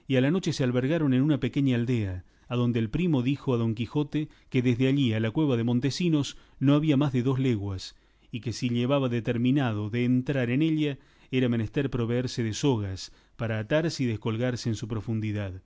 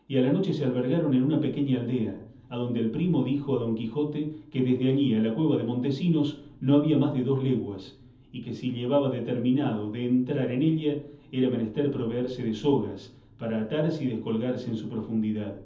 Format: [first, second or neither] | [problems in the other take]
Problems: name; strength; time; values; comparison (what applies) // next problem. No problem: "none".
first | room echo; dies away in 0.7 s